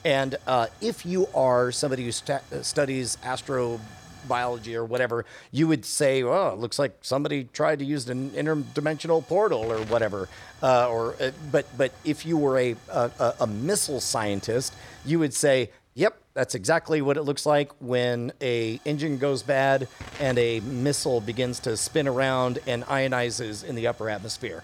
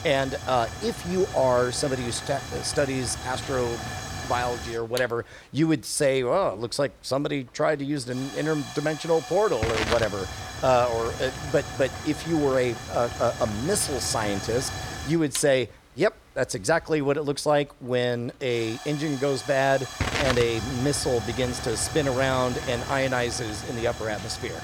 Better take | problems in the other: first | hiss; loud; throughout; 8 dB below the speech; faint in the first

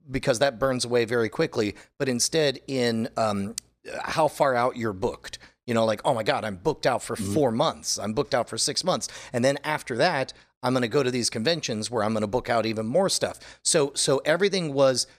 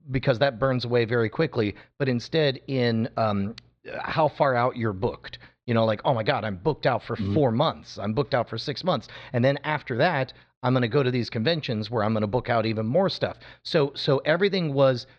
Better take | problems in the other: first | muffled; slightly; fading above 4 kHz

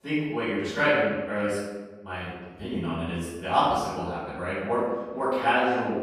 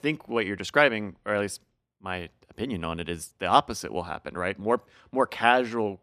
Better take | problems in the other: second | room echo; strong; dies away in 1.1 s // off-mic speech; far

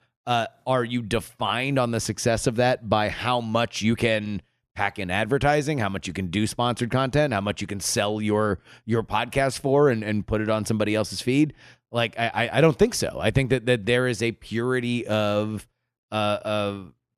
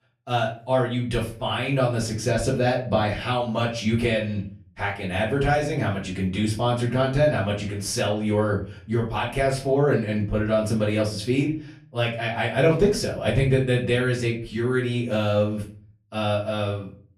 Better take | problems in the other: first | off-mic speech; far // room echo; slight; dies away in 0.3 s

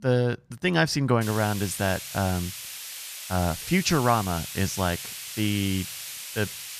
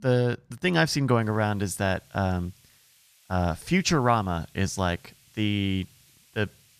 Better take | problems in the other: second | hiss; loud; from 1 s on; 8 dB below the speech; faint in the second

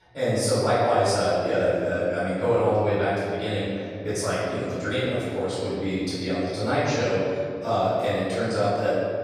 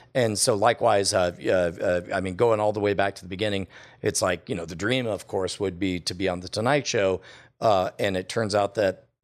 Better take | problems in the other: second | room echo; strong; dies away in 2.1 s // off-mic speech; far

